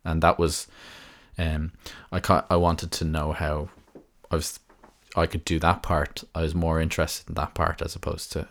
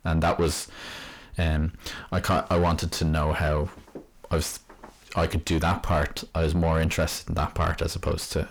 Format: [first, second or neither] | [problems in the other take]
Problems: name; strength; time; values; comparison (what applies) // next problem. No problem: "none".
first | distortion; heavy; 6 dB below the speech